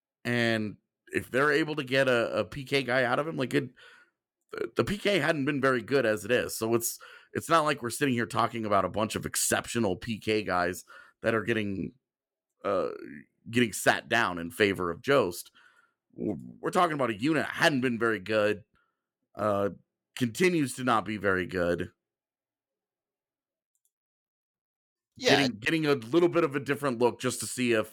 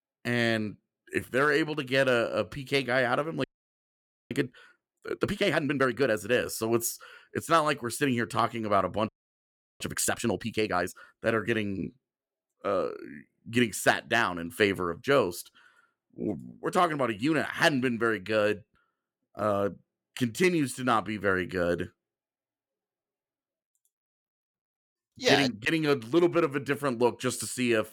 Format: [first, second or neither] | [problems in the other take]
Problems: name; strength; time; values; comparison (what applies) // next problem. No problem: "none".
first | audio freezing; at 3.5 s for 1 s and at 9 s for 0.5 s